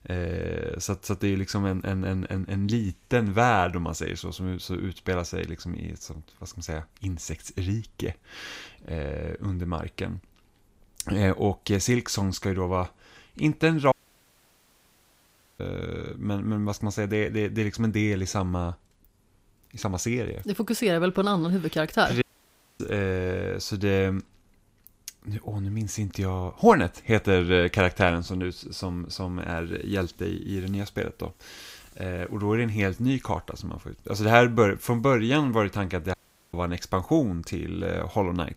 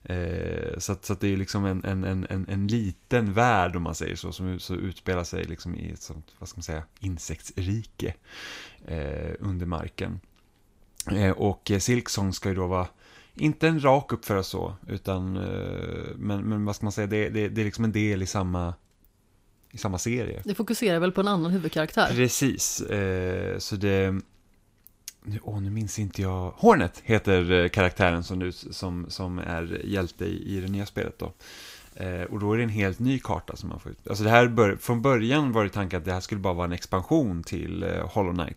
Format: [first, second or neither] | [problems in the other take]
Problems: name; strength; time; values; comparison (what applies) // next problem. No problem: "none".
second | audio cutting out; at 14 s for 1.5 s, at 22 s for 0.5 s and at 36 s